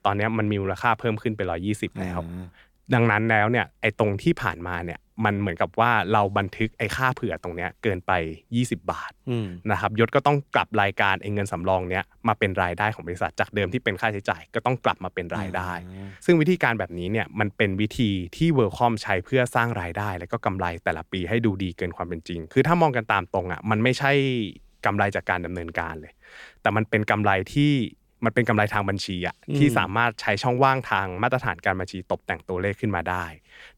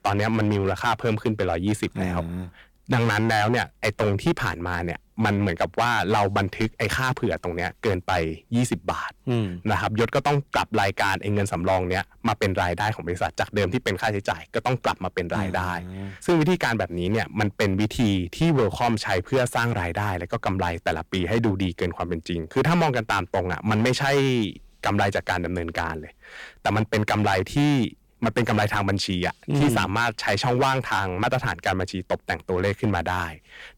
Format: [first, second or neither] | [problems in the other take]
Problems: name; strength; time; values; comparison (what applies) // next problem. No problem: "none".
first | distortion; heavy; 8% of the sound clipped